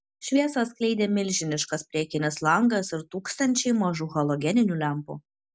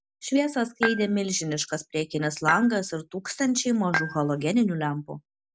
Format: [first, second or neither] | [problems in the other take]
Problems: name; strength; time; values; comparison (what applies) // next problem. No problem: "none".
first | background sound (Dishes, pots, and pans / Chink, clink); 4 dB below the speech